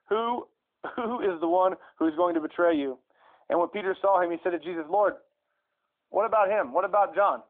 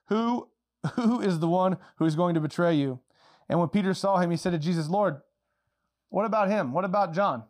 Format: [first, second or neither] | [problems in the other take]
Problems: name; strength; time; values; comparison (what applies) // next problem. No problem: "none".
second | phone-call audio; nothing above 3.5 kHz